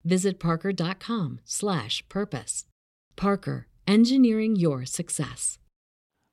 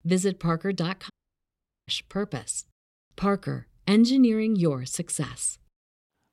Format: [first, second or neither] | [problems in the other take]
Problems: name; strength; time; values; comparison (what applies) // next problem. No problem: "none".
first | audio cutting out; at 1 s for 1 s